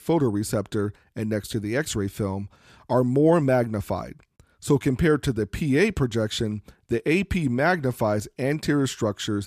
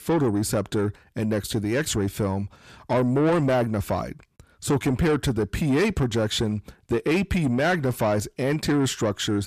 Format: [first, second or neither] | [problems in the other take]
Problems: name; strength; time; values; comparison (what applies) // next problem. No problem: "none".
first | distortion; slight; 10 dB below the speech